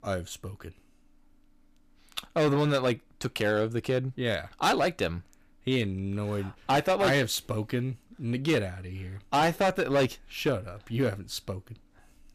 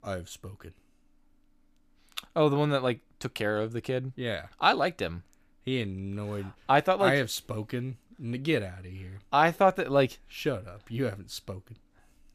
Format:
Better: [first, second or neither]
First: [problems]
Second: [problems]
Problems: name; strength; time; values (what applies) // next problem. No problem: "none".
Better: second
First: distortion; heavy; 5% of the sound clipped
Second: none